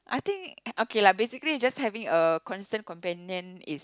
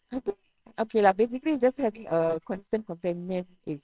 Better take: first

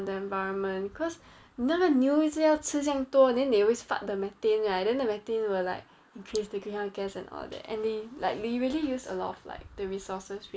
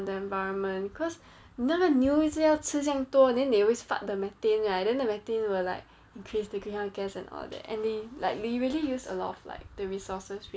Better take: second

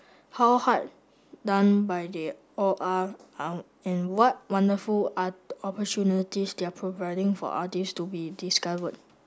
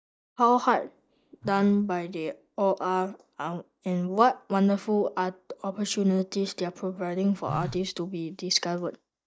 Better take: first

